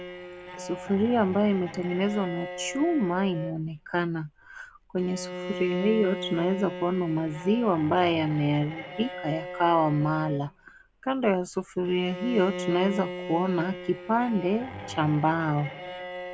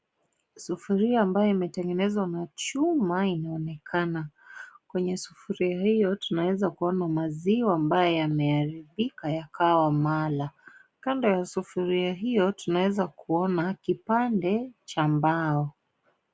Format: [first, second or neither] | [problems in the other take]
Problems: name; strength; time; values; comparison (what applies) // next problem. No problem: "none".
second | background sound (Bowed string instrument); 11 dB below the speech